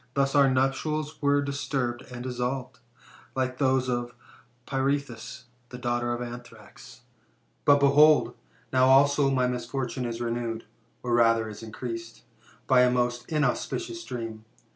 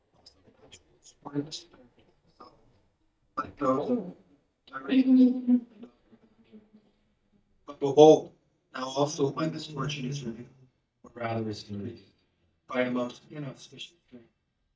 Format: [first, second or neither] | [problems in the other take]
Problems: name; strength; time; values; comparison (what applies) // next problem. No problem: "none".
first | noise reduction (neural mask model DeepFilterNet 3)